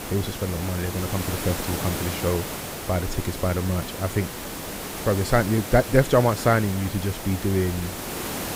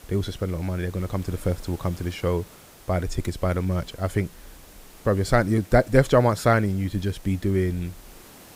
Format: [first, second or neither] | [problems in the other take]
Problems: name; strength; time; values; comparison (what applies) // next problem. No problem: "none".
second | hiss; loud; throughout; 7 dB below the speech; faint in the second